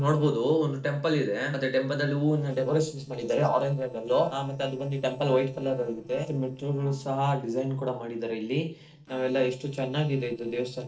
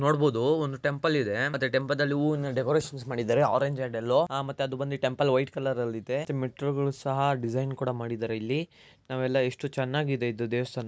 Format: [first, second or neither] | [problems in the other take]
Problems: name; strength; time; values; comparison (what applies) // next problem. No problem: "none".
second | noise reduction (neural separator model SepFormer DNS4)